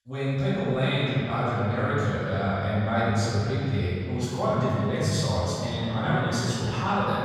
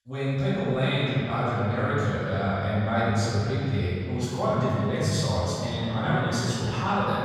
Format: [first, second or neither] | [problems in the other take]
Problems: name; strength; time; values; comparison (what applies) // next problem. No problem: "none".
neither | off-mic speech; far; the same in both // room echo; strong; dies away in 2.2 s; the same in both